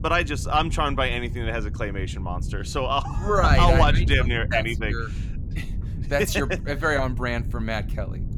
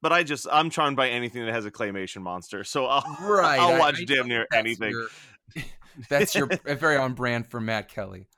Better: second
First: wind noise on the microphone; occasional gusts; 20 dB below the speech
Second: none

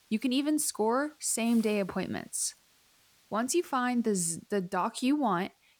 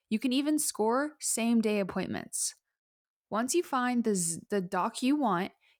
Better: second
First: hiss; faint; throughout; 30 dB below the speech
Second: none

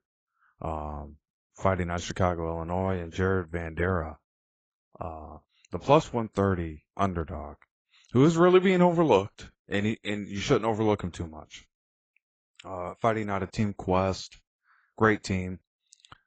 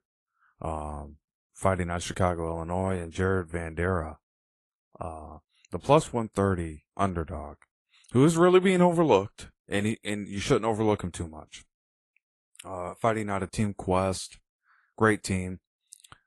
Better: second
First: garbled, watery; badly; nothing above 7.5 kHz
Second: garbled, watery; slightly

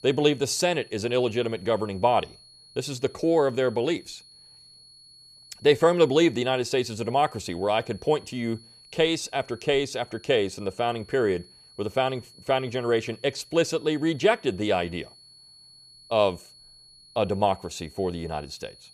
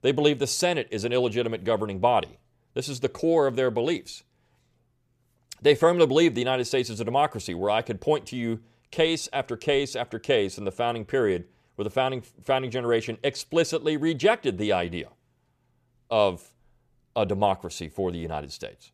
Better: second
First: high-pitched whine; faint; throughout; 4.5 kHz, 25 dB below the speech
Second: none

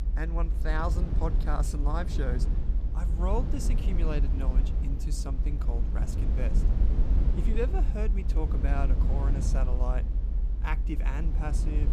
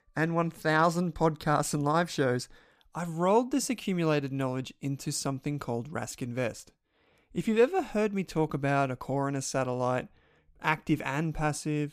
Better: second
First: low rumble; loud; throughout; 7 dB below the speech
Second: none

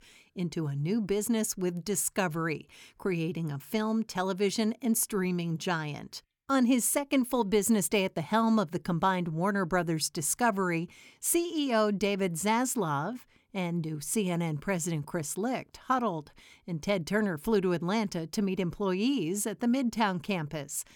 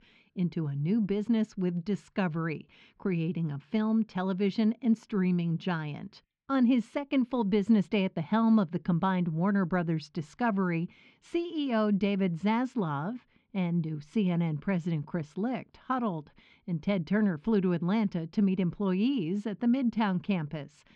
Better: first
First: none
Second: muffled; slightly; fading above 4 kHz

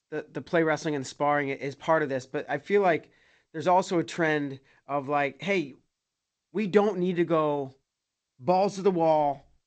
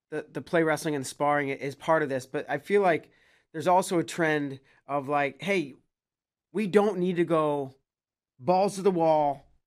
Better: second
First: garbled, watery; slightly; nothing above 8 kHz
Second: none

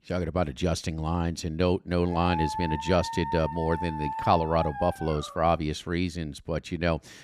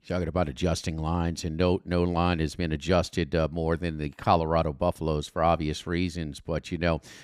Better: second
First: dog barking; noticeable; from 2 to 5.5 s; peak 3 dB below the speech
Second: none

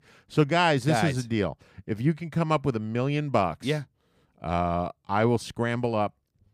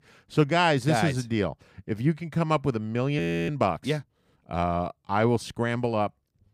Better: first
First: none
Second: audio freezing; at 3 s

